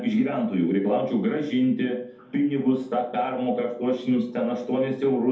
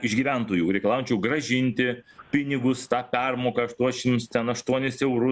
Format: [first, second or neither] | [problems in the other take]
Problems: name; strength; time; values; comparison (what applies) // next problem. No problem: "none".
second | room echo; dies away in 0.6 s